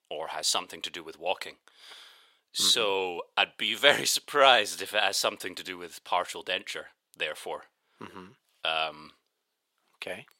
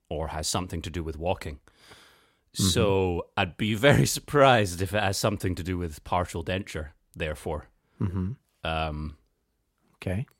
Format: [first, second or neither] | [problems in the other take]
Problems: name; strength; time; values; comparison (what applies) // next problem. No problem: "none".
second | thin; very; fading below 550 Hz